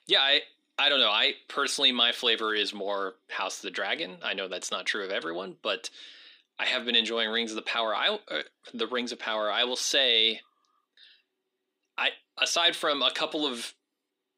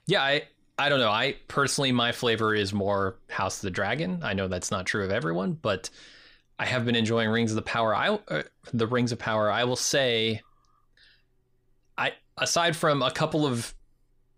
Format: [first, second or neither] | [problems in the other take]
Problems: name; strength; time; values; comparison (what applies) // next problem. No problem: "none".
second | thin; somewhat; fading below 250 Hz